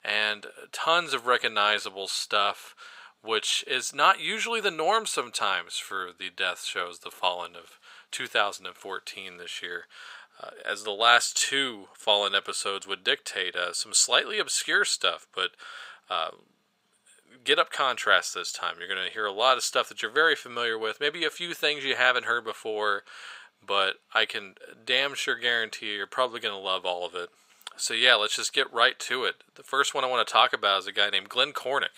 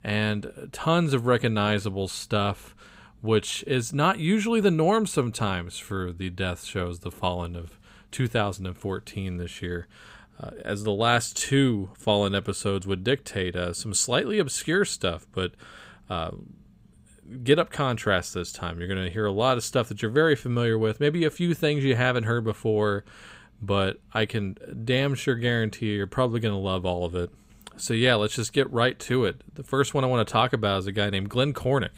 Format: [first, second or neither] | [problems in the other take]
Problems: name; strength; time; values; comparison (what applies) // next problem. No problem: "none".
second | thin; very; fading below 700 Hz